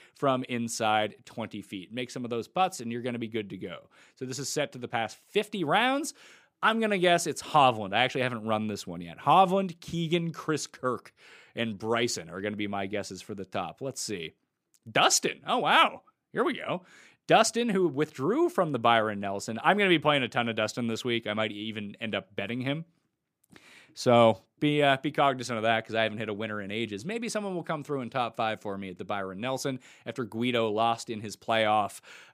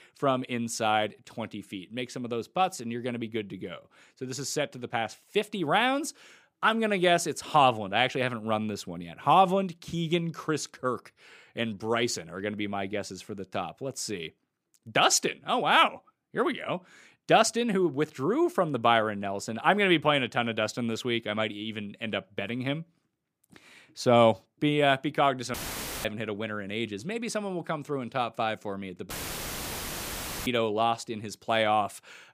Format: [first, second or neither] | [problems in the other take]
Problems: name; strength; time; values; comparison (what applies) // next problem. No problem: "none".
first | audio cutting out; filled with static; at 26 s for 0.5 s and at 29 s for 1.5 s